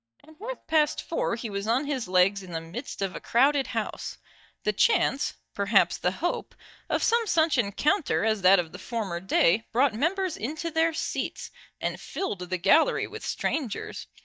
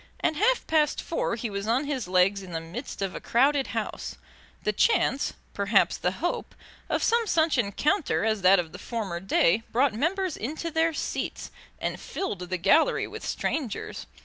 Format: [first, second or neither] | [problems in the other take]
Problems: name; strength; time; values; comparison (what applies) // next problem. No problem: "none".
second | noise reduction (neural mask model DeepFilterNet 3)